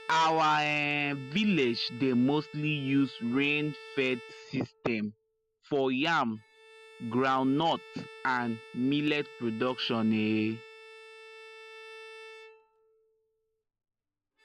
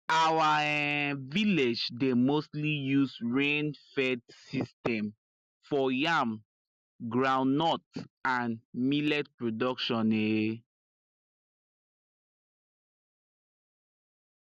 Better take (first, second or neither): second